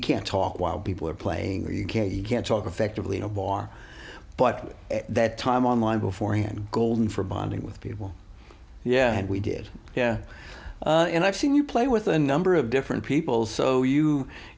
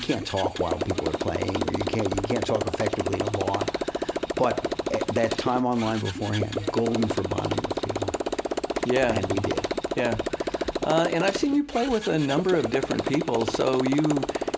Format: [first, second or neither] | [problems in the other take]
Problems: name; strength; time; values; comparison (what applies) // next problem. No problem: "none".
first | background sound (Motorcycle); 2 dB below the speech